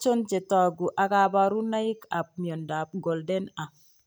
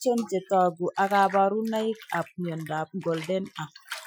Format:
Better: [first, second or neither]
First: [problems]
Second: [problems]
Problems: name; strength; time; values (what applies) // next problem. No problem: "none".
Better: first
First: none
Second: noise reduction (classical method Wiener filter)